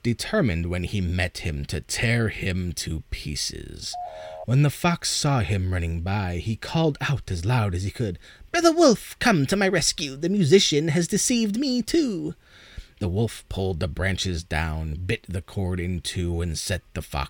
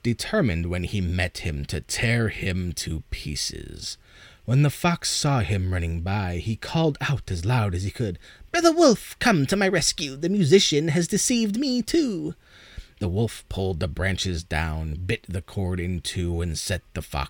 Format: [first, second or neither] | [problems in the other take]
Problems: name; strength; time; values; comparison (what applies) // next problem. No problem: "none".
second | phone ringing; faint; at 4 s; peak 10 dB below the speech